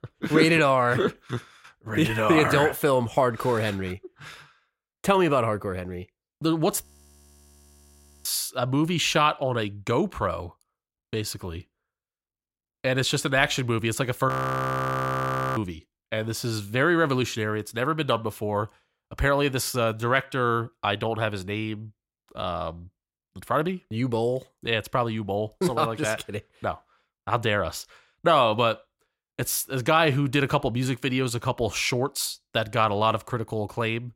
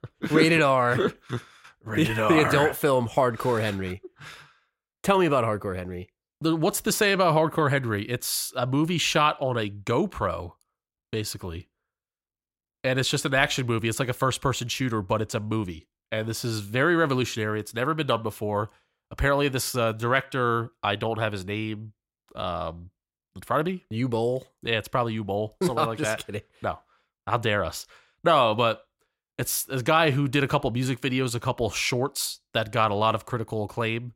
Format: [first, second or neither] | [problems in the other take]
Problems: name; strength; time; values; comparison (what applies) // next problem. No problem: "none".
second | audio freezing; at 7 s for 1.5 s and at 14 s for 1.5 s